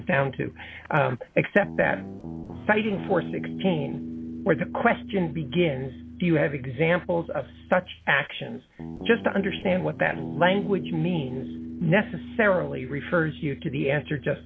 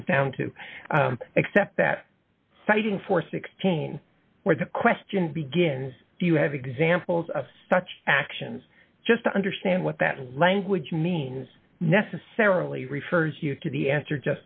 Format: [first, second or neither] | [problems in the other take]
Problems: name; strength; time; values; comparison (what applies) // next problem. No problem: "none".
second | background sound (Guitar); 11 dB below the speech